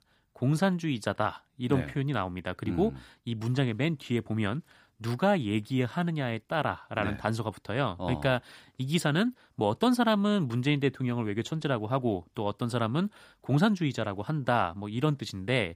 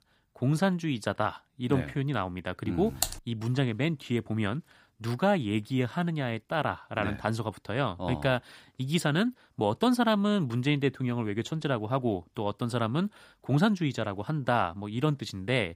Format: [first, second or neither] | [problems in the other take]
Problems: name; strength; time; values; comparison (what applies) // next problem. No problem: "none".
first | keyboard typing; noticeable; at 3 s; peak 2 dB below the speech